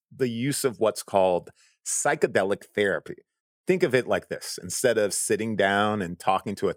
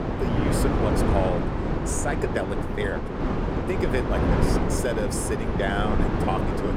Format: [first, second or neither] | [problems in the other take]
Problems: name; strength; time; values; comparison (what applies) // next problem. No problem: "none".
first | wind noise on the microphone; heavy; 1 dB above the speech